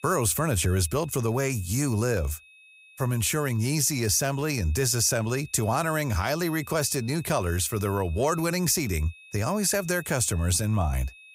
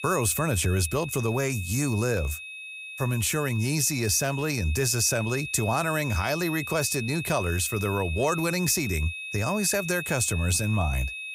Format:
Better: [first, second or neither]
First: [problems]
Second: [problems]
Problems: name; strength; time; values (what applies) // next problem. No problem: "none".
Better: first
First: high-pitched whine; faint; throughout; 2.5 kHz, 25 dB below the speech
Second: high-pitched whine; loud; throughout; 2.5 kHz, 9 dB below the speech